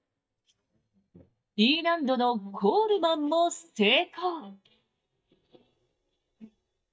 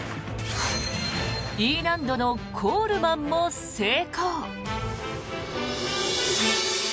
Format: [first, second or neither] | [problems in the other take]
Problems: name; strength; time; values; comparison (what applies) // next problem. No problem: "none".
second | noise reduction (neural mask model DeepFilterNet 3)